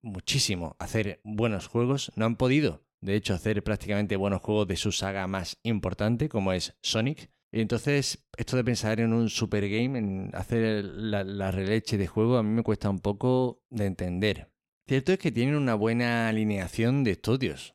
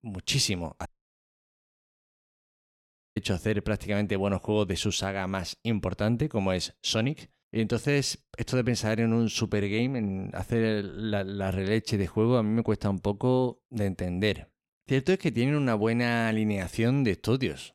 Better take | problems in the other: first | audio cutting out; at 1 s for 2.5 s

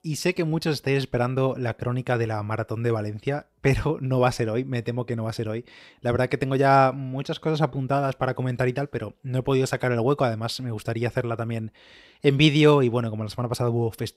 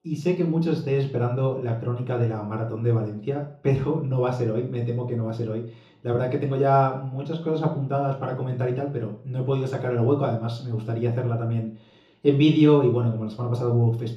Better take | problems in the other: first | room echo; noticeable; dies away in 0.7 s // off-mic speech; far

